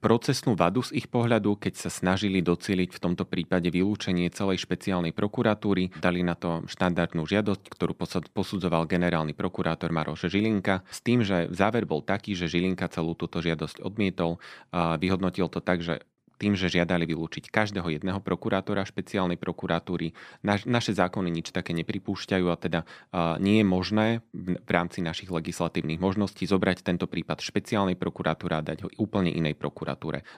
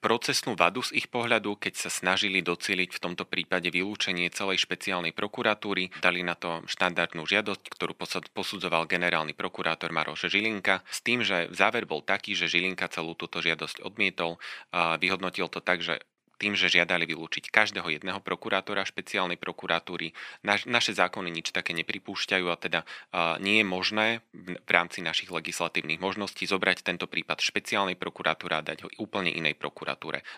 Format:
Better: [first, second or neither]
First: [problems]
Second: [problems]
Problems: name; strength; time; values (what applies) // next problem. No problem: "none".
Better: first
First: none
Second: thin; somewhat; fading below 1 kHz